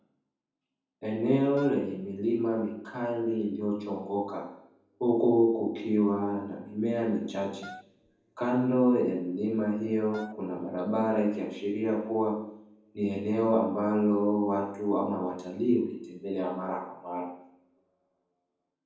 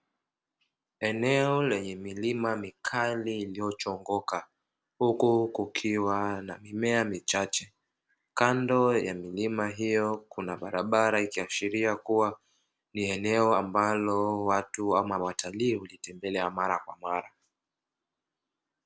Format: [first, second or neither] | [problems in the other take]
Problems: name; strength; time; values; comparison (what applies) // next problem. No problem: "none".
second | background sound (Wind instrument, woodwind instrument); 19 dB below the speech // room echo; dies away in 0.9 s